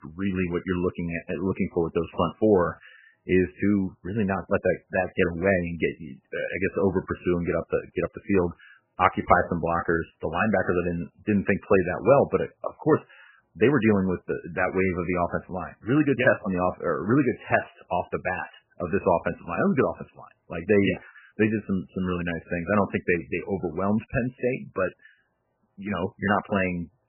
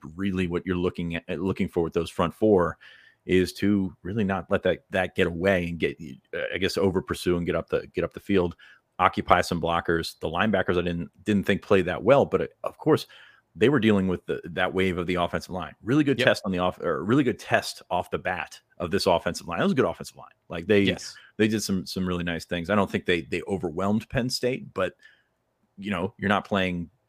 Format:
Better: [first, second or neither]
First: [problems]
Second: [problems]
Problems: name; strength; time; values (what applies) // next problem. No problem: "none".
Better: second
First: garbled, watery; badly; nothing above 3 kHz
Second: none